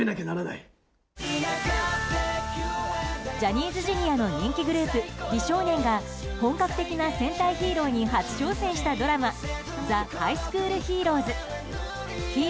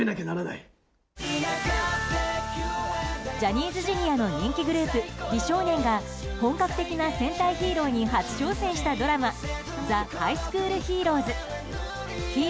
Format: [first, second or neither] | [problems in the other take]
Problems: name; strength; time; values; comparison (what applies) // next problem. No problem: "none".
second | background sound (Zipper (clothing)); 19 dB below the speech